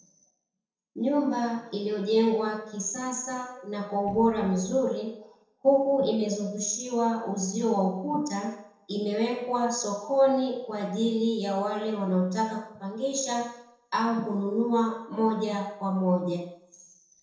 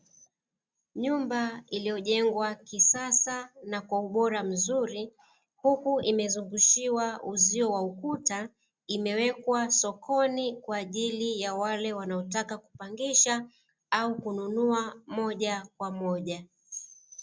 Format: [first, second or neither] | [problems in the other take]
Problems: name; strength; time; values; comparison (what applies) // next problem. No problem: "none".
second | noise reduction (neural separator model SepFormer DNS4)